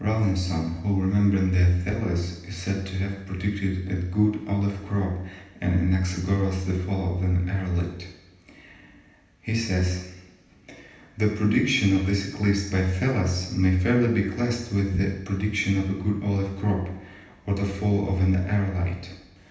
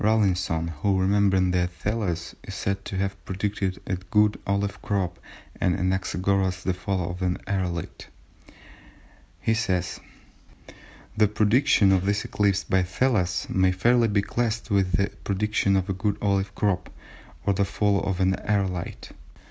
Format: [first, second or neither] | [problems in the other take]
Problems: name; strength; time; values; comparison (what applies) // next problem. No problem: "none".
second | room echo; dies away in 0.9 s